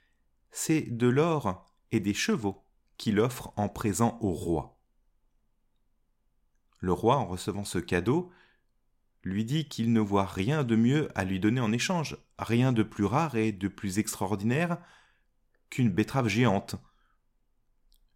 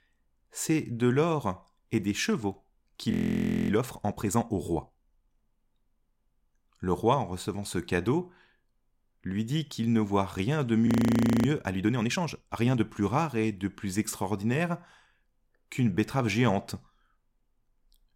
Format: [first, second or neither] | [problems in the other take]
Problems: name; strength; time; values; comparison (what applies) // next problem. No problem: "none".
first | audio freezing; at 3 s for 0.5 s and at 11 s for 0.5 s